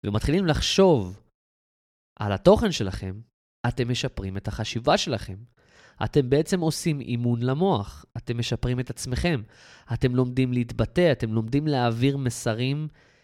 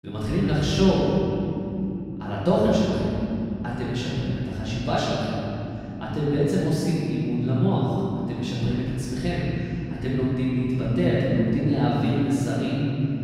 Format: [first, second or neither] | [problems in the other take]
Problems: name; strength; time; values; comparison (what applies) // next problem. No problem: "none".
first | room echo; strong; dies away in 3 s // off-mic speech; far